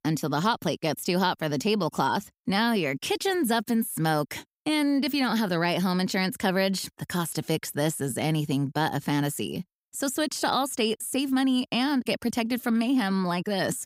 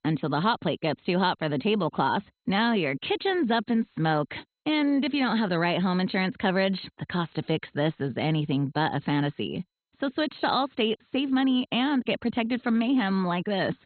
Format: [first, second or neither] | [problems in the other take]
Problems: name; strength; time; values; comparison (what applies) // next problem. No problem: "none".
first | garbled, watery; badly; nothing above 4 kHz